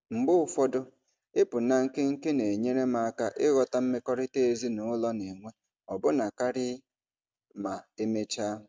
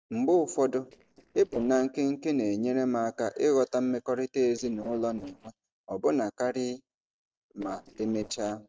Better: first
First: none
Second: noise reduction (neural separator model SepFormer DNS4)

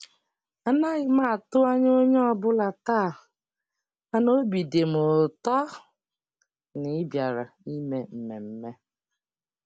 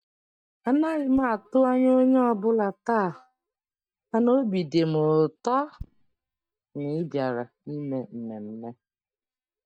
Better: first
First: none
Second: noise reduction (neural mask model DeepFilterNet 3)

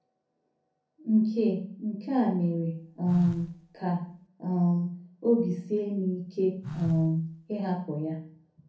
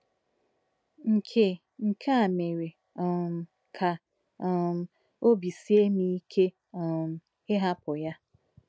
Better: second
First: background sound (Telephone); 14 dB below the speech // room echo; dies away in 0.5 s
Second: none

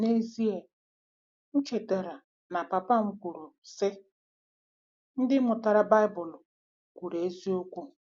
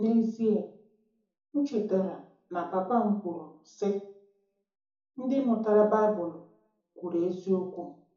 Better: first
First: none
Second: room echo; dies away in 0.7 s

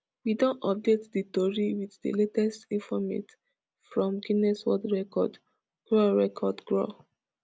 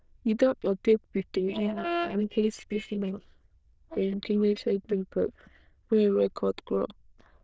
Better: first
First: none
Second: noise reduction (neural diffusion model UNIVERSE++)

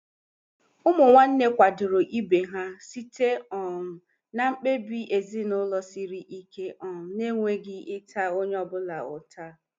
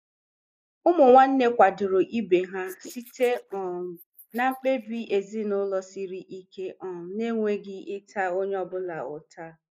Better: first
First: none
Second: noise reduction (neural mask model Resemble Enhance denoiser)

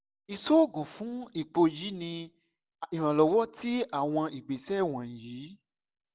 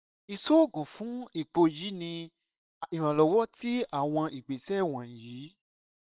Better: first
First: none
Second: noise reduction (neural separator model SepFormer WHAM!)

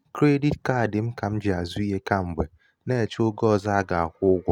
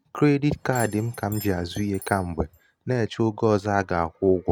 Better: first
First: none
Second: background sound (Door / Chime); 19 dB below the speech

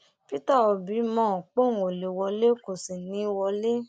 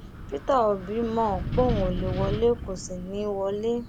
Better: first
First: none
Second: background sound (Wind); 6 dB below the speech

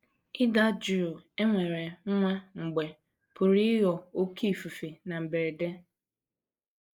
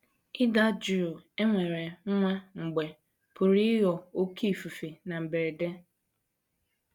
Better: second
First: noise reduction (neural mask model Resemble Enhance denoiser)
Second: none

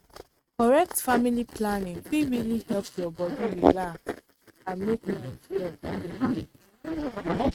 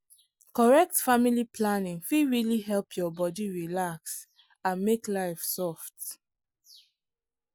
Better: second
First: noise reduction (neural mask model RNNoise)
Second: none

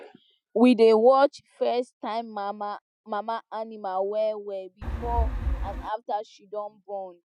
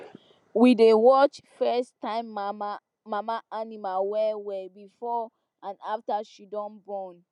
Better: second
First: noise reduction (classical method Wiener filter)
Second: none

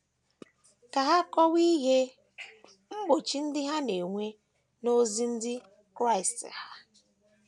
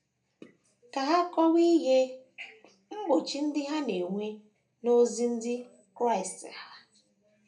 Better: first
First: none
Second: room echo; dies away in 0.3 s

